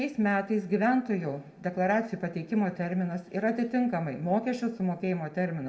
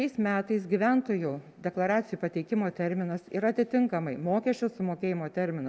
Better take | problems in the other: second | room echo; dies away in 0.7 s

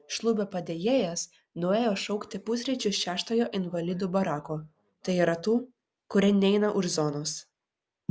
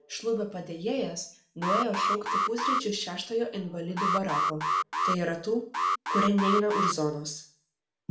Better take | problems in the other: first | background sound (Alarm); 2 dB above the speech // room echo; dies away in 0.4 s

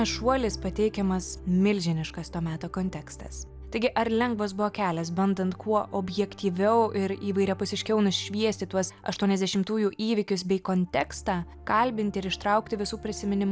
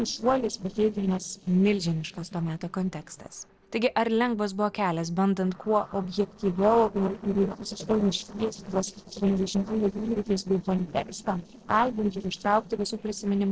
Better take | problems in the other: first | noise reduction (neural separator model SepFormer DNS4)

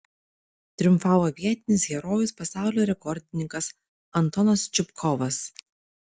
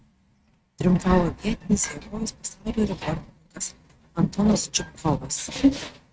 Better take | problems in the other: first | noise reduction (neural mask model RNNoise)

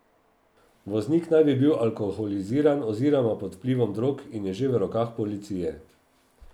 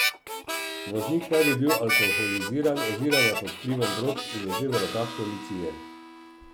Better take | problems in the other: first | background sound (Harmonica); 1 dB below the speech

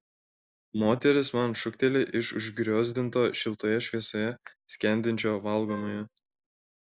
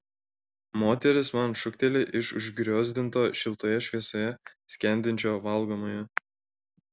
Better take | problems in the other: second | noise reduction (neural mask model Resemble Enhance denoiser)

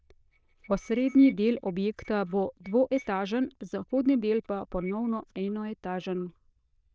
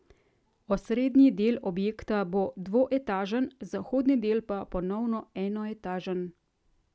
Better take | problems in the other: second | noise reduction (neural diffusion model UNIVERSE++)

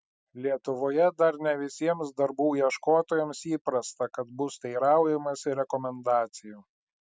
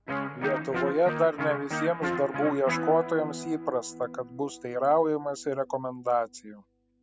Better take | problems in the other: first | background sound (Electric guitar); 7 dB below the speech

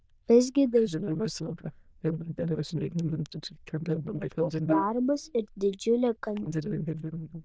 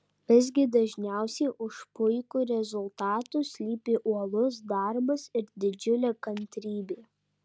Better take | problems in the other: second | noise reduction (neural diffusion model UNIVERSE++)

